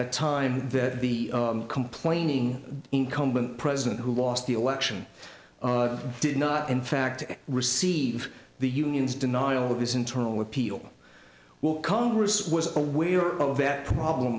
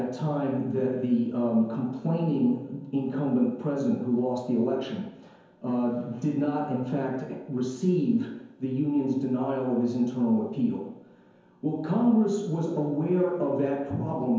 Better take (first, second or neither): first